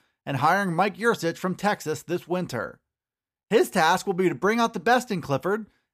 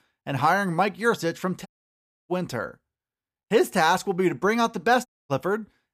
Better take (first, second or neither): first